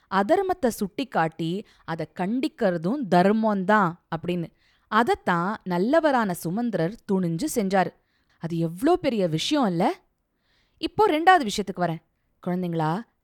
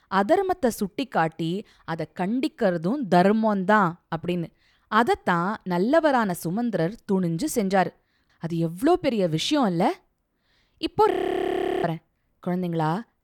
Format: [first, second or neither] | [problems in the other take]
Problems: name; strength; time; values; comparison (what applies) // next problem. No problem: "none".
first | audio freezing; at 11 s for 0.5 s